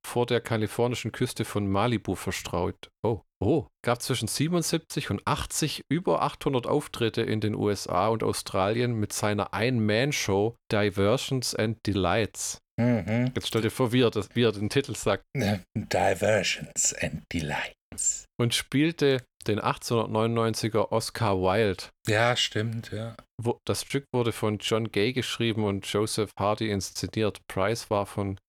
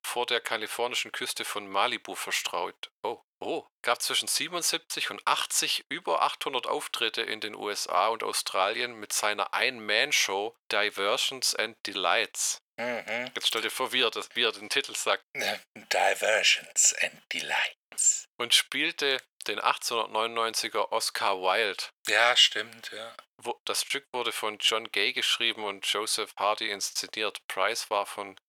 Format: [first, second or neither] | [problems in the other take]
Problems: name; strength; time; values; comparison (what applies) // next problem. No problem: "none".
first | thin; very; fading below 750 Hz